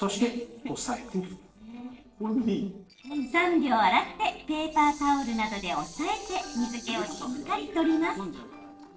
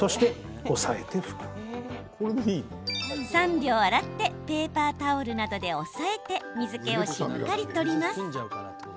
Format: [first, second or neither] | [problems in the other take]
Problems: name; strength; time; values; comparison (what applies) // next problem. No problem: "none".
second | noise reduction (neural separator model SepFormer DNS4)